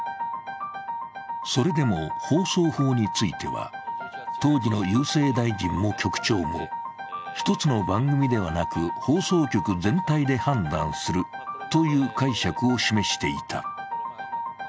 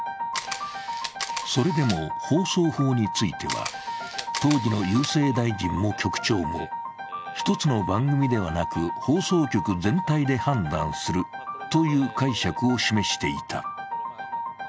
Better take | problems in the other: first | background sound (Camera); 11 dB below the speech

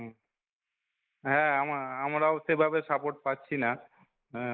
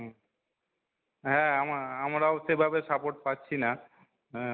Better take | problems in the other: second | noise reduction (neural mask model Resemble Enhance denoiser)

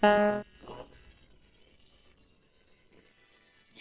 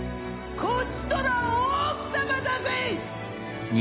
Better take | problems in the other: second | noise reduction (neural separator model SepFormer WHAMR!)

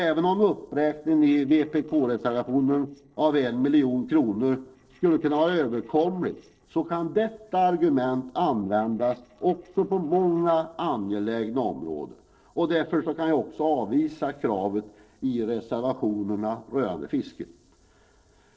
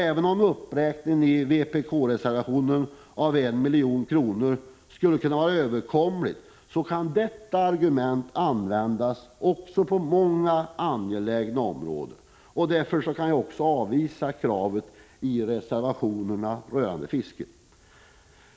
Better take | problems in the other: second | noise reduction (neural separator model SepFormer DNS4)

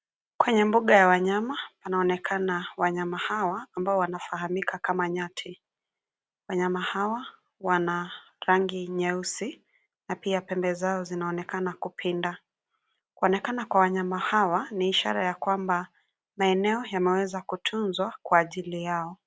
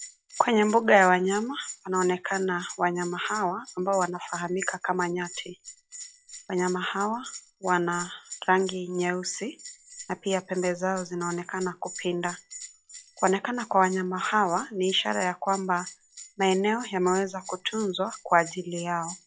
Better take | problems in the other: first | noise reduction (classical method log-MMSE)

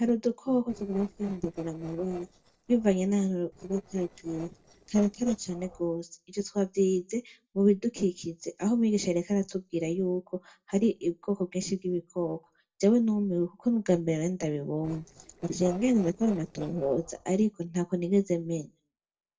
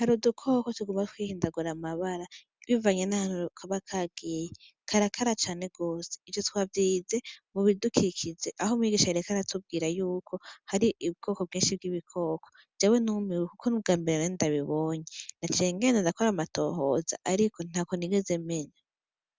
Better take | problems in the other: second | noise reduction (neural separator model SepFormer DNS4)

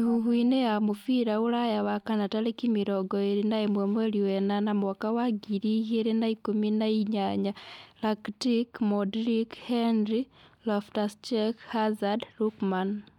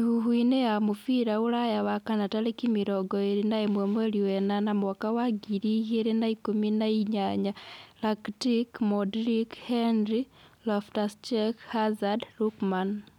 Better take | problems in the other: second | noise reduction (neural mask model DeepFilterNet 3)

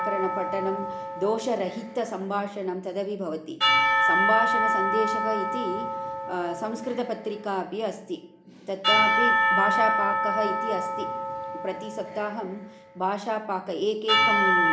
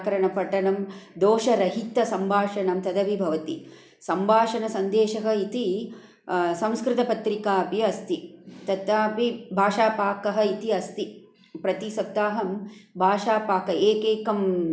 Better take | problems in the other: second | background sound (Church bell / Percussion); 3 dB above the speech

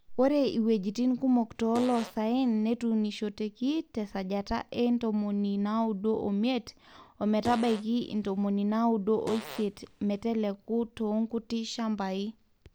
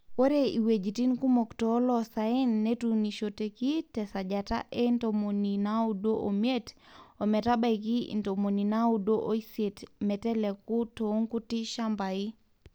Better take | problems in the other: second | background sound (Fart); 16 dB below the speech

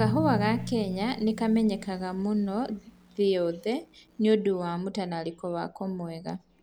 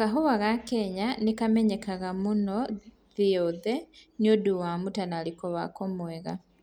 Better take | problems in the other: second | background sound (Drum); 10 dB below the speech

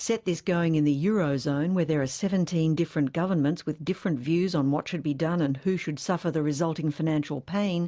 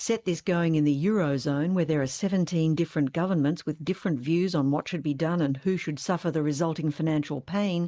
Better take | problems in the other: first | noise reduction (neural mask model Resemble Enhance denoiser)

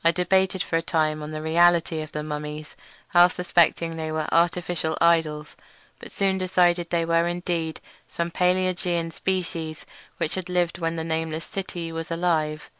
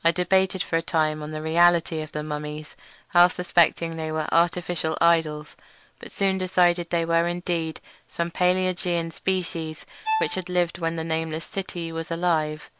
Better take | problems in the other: first | background sound (Bowed string instrument); 7 dB below the speech

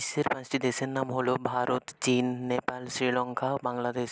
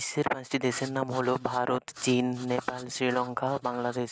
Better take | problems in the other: first | noise reduction (neural mask model RNNoise)

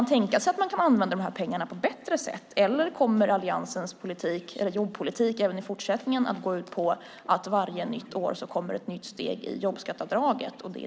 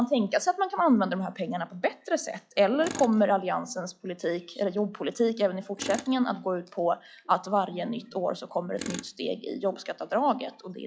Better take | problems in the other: first | noise reduction (classical method log-MMSE)

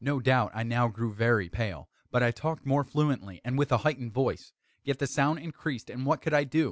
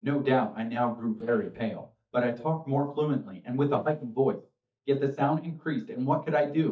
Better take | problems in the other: first | noise reduction (neural mask model DeepFilterNet 3)

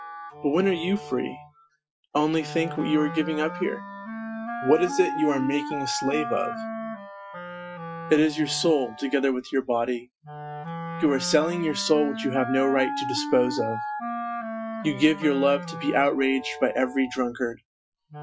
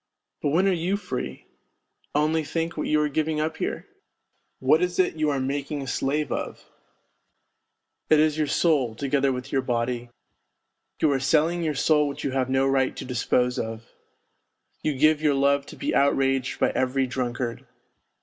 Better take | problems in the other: second | noise reduction (classical method Wiener filter)

